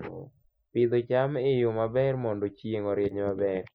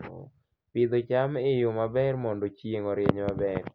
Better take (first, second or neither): second